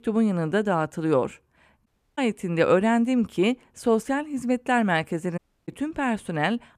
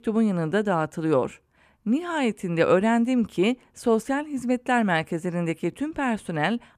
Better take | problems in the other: second | audio cutting out; at 2 s and at 5.5 s

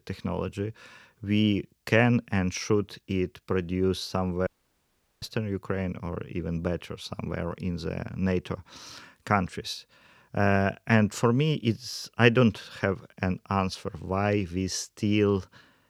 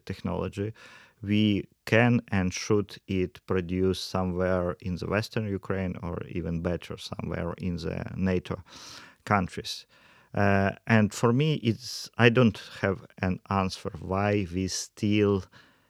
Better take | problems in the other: second | audio cutting out; at 4.5 s for 1 s

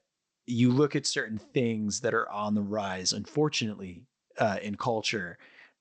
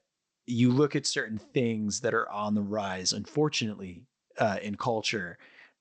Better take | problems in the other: neither | garbled, watery; slightly; nothing above 8 kHz; the same in both

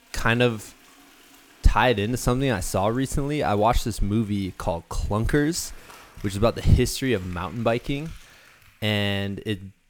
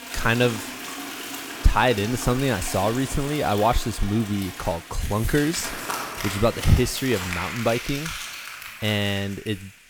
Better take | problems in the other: first | household noises; loud; throughout; 8 dB below the speech; faint in the first

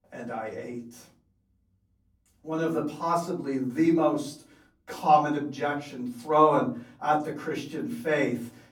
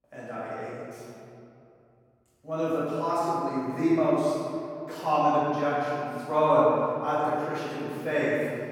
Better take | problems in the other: first | room echo; strong; dies away in 2.4 s; slight in the first // off-mic speech; far; far in the first

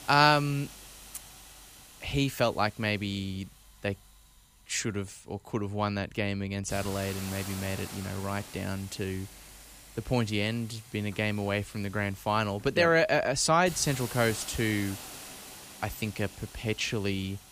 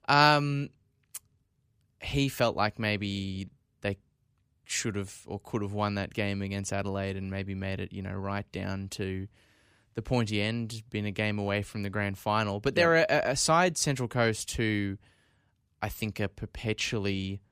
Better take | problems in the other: second | hiss; noticeable; throughout; 15 dB below the speech

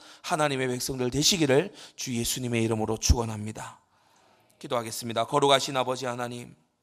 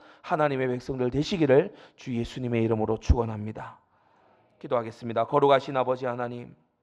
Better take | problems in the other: first | muffled; very; fading above 2 kHz

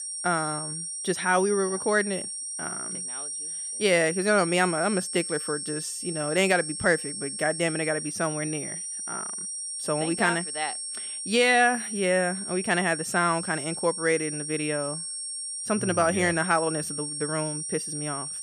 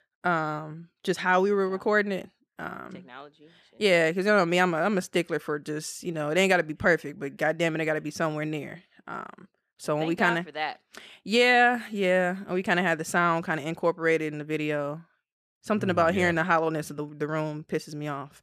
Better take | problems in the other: second | high-pitched whine; loud; throughout; 8.5 kHz, 5 dB below the speech

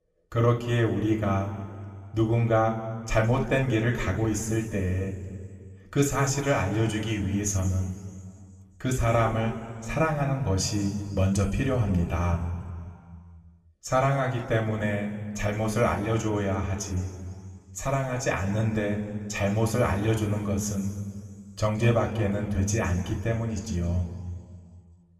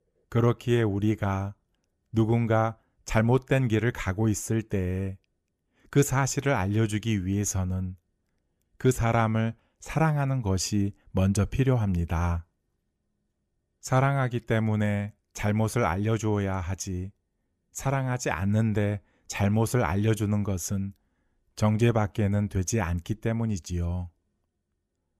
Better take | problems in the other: second | room echo; noticeable; dies away in 2 s // off-mic speech; somewhat distant

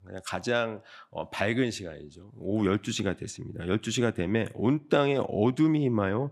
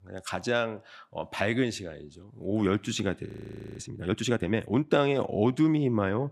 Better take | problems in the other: first | audio freezing; at 3.5 s for 0.5 s

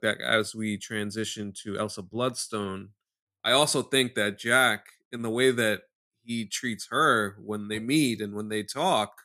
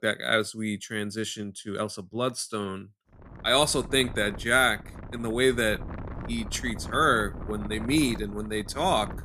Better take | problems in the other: first | wind noise on the microphone; occasional gusts; from 3 s on; 20 dB below the speech

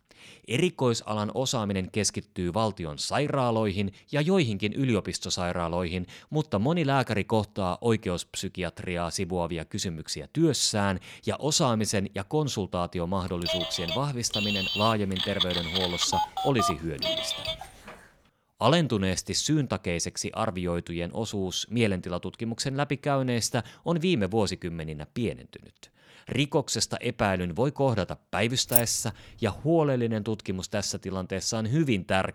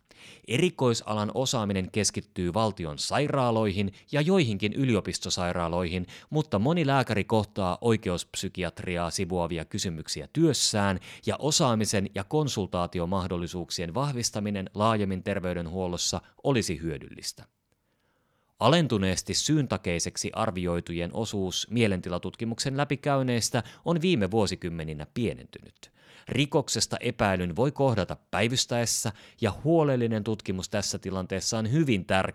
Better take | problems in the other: second | phone ringing; loud; from 13 to 18 s; peak 2 dB above the speech // jangling keys; loud; at 29 s; peak 5 dB above the speech

